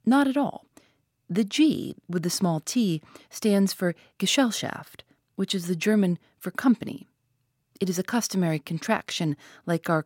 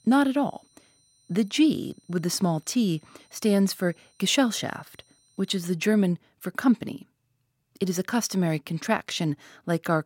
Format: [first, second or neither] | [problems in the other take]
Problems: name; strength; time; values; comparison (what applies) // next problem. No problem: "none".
first | high-pitched whine; faint; until 5.5 s; 4 kHz, 35 dB below the speech